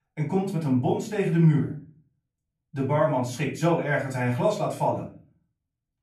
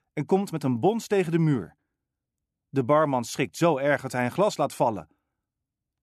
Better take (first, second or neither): second